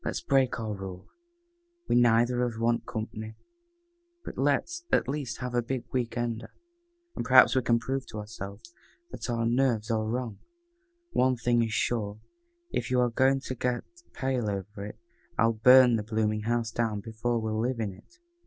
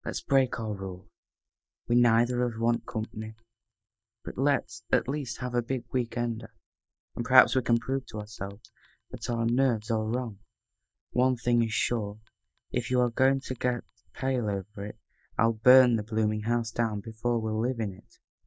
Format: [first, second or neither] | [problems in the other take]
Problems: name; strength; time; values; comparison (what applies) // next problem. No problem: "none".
first | noise reduction (neural mask model DeepFilterNet 3)